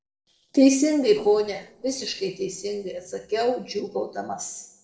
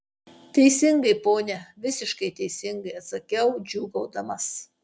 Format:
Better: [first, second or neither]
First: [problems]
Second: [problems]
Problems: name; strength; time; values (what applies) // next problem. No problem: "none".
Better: second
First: noise reduction (neural separator model SepFormer DNS4)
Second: none